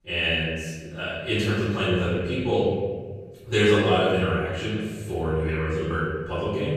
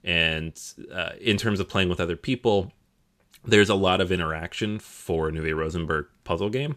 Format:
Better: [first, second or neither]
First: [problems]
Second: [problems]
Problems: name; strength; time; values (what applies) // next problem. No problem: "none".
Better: second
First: off-mic speech; far // room echo; strong; dies away in 1.6 s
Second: none